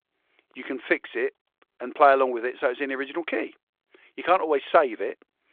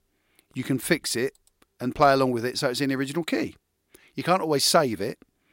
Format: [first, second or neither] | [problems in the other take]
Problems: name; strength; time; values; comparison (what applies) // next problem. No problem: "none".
second | phone-call audio